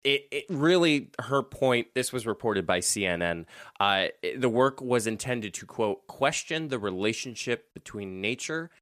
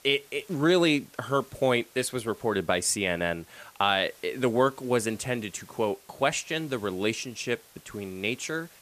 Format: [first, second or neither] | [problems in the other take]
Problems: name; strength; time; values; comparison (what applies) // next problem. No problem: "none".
first | hiss; faint; throughout; 25 dB below the speech